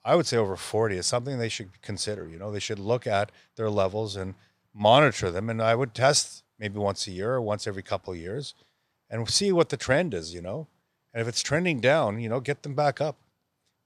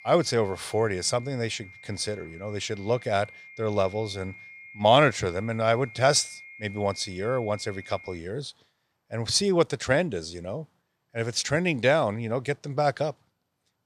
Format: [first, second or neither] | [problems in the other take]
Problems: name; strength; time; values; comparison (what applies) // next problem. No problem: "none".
first | high-pitched whine; noticeable; until 8 s; 2 kHz, 20 dB below the speech